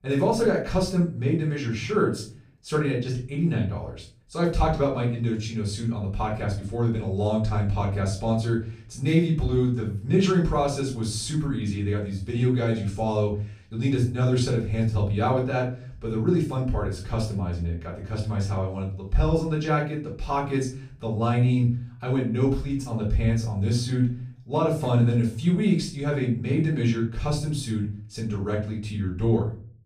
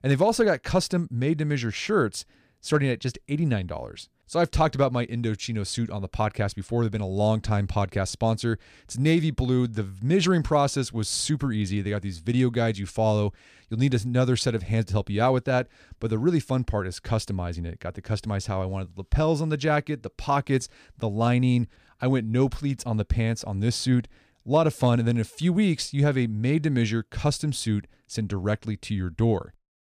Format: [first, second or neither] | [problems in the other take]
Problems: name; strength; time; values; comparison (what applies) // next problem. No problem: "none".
second | room echo; slight; dies away in 0.4 s // off-mic speech; far